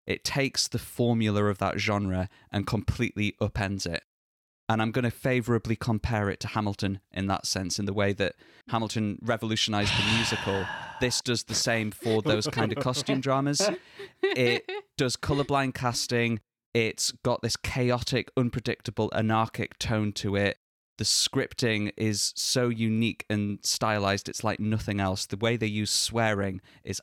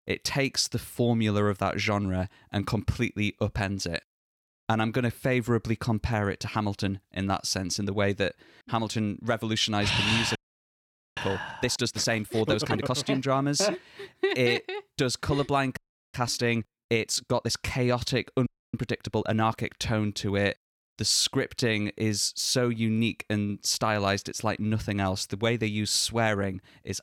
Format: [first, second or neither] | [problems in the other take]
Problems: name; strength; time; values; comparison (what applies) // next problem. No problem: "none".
first | audio freezing; at 10 s for 1 s, at 16 s and at 18 s